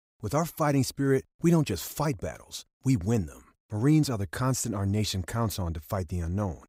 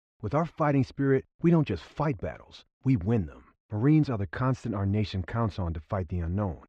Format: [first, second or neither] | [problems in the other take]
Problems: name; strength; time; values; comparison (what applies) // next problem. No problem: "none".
first | muffled; very; fading above 3 kHz